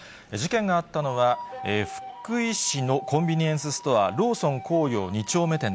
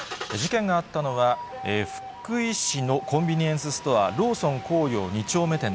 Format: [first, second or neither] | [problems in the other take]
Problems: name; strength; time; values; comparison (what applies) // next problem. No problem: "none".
first | background sound (Engine starting); 17 dB below the speech